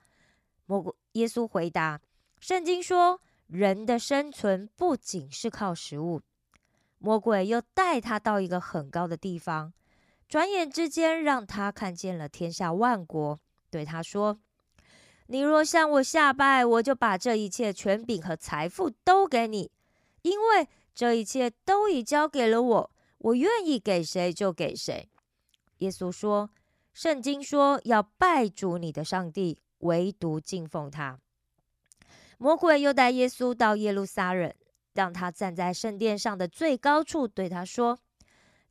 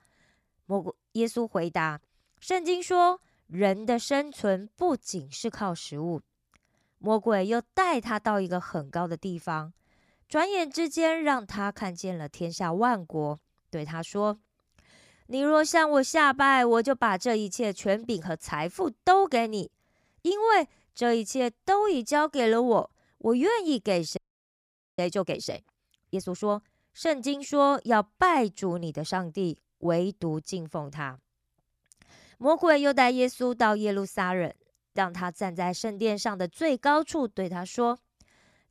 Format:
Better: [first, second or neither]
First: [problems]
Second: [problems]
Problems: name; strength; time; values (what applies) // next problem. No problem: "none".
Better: first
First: none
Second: audio freezing; at 24 s for 1 s